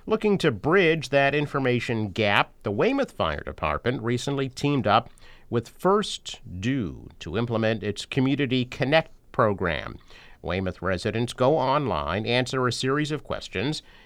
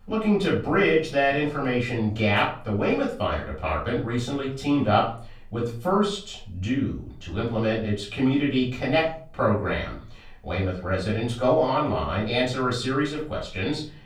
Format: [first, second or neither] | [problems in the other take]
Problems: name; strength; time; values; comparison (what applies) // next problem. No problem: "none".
first | off-mic speech; far // room echo; slight; dies away in 0.4 s